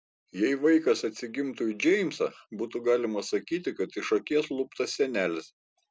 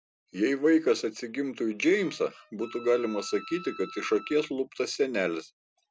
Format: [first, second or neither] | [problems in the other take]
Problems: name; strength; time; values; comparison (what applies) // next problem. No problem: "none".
first | background sound (Wind instrument, woodwind instrument); 18 dB below the speech